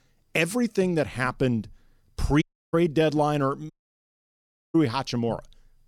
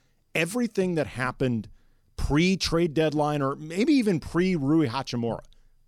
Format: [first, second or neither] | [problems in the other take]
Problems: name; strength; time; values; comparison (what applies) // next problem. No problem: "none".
second | audio cutting out; at 2.5 s and at 3.5 s for 1 s